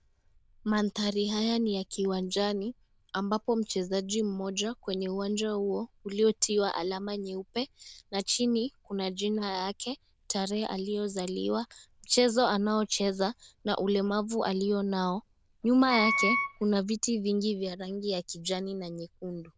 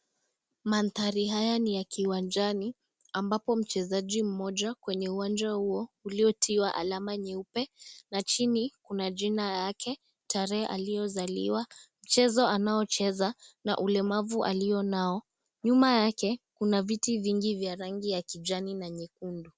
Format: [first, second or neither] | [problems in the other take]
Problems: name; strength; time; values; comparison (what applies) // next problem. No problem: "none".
second | noise reduction (neural diffusion model UNIVERSE++)